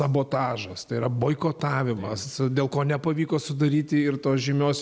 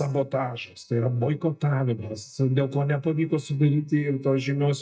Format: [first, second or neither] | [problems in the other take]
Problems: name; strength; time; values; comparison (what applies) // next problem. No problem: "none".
first | noise reduction (neural mask model DeepFilterNet 3)